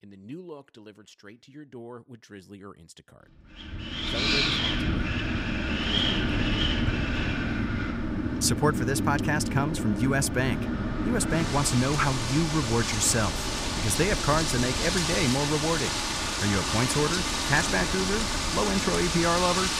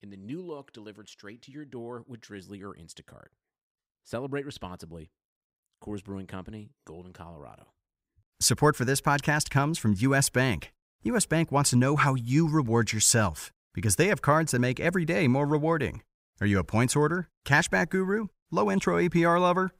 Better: second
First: wind in the background; loud; from 4 s on; as loud as the speech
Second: none

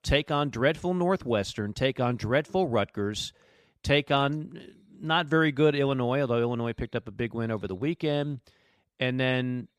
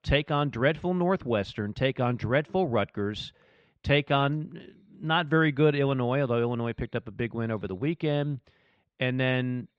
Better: first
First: none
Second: muffled; slightly; fading above 3 kHz

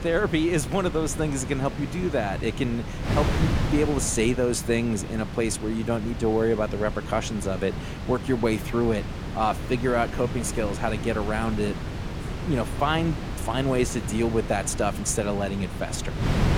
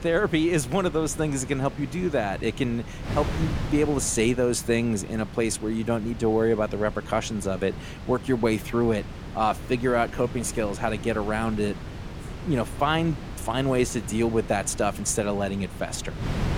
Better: second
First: wind noise on the microphone; heavy; 9 dB below the speech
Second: wind noise on the microphone; occasional gusts; 15 dB below the speech

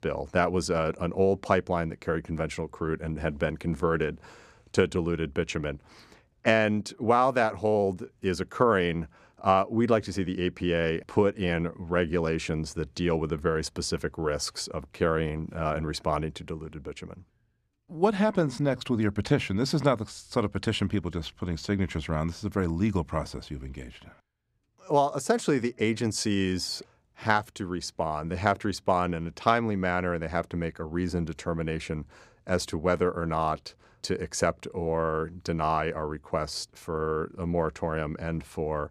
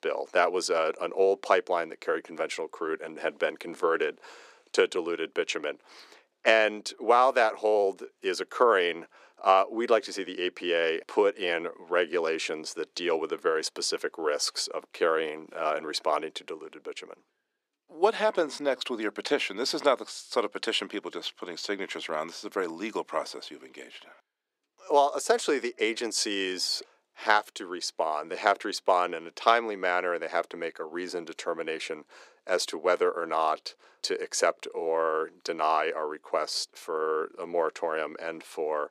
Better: first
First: none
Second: thin; very; fading below 350 Hz

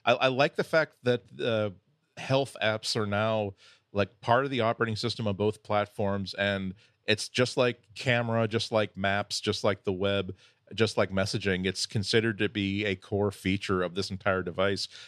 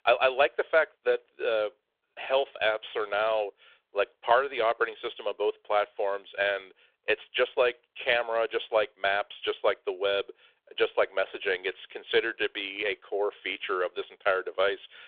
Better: first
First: none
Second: phone-call audio; nothing above 3.5 kHz

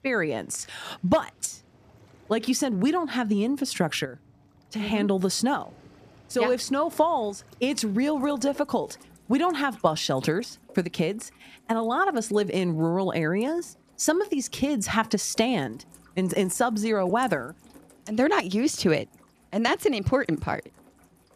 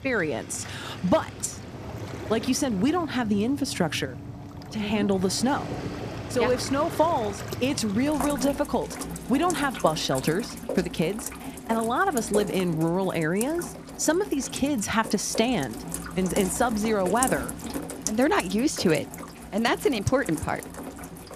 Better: first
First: rain or running water; faint; throughout; 30 dB below the speech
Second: rain or running water; loud; throughout; 9 dB below the speech

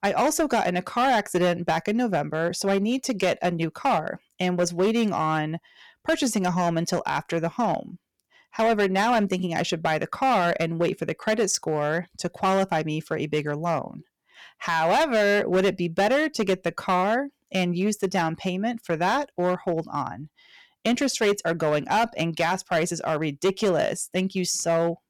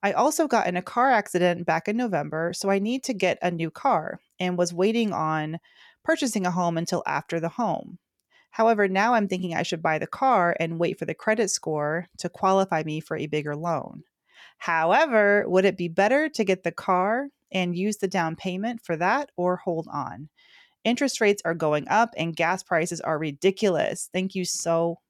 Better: second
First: distortion; slight; 7% of the sound clipped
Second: none

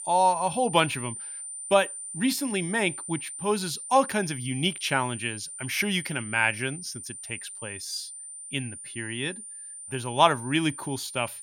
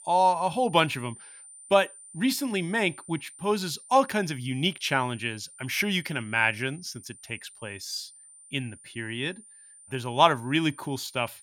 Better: second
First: high-pitched whine; loud; throughout; 9 kHz, 10 dB below the speech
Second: high-pitched whine; faint; throughout; 9 kHz, 20 dB below the speech

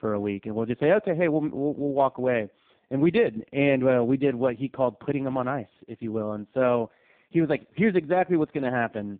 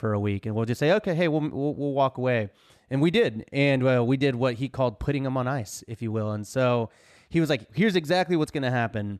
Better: second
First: phone-call audio; poor line; nothing above 3.5 kHz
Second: none

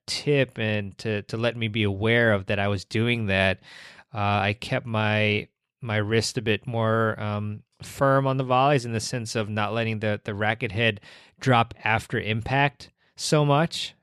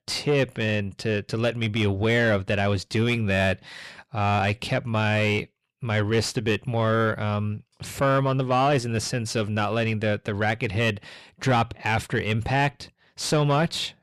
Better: first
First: none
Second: distortion; slight; 10 dB below the speech

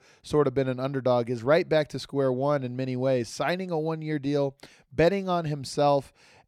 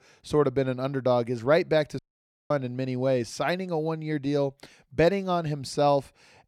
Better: first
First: none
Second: audio cutting out; at 2 s for 0.5 s

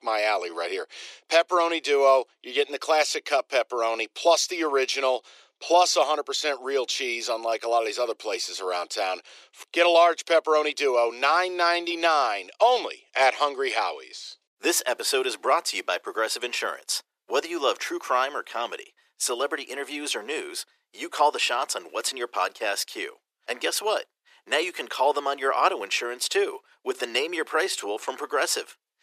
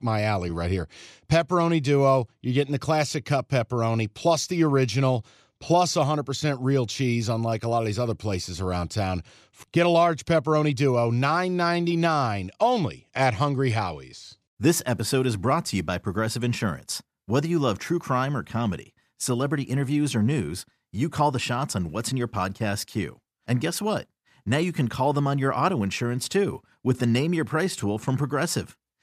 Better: second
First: thin; very; fading below 400 Hz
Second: none

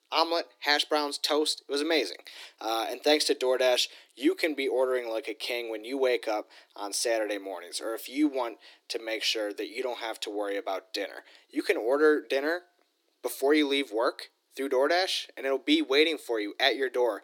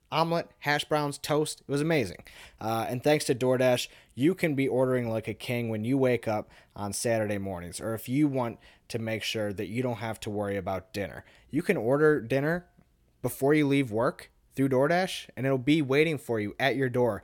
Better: second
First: thin; somewhat; fading below 300 Hz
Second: none

